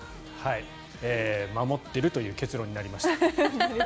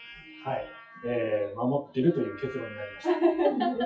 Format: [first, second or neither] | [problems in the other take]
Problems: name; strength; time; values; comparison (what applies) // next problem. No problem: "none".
first | noise reduction (classical method WPE with log-MMSE)